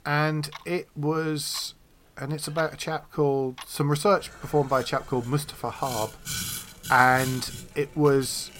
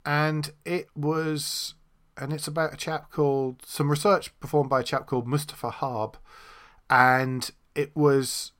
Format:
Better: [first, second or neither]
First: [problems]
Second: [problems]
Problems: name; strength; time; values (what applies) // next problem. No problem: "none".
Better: second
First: household noises; noticeable; throughout; 10 dB below the speech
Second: none